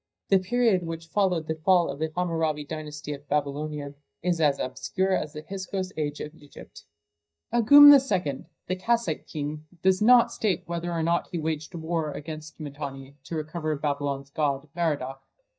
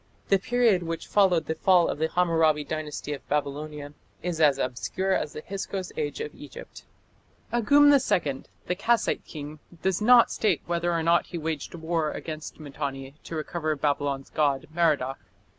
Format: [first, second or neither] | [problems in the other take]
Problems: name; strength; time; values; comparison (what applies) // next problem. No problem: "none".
second | noise reduction (neural mask model DeepFilterNet 3)